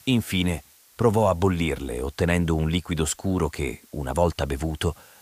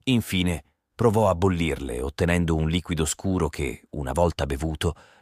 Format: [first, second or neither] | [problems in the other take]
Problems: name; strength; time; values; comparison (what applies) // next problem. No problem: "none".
second | hiss; faint; throughout; 25 dB below the speech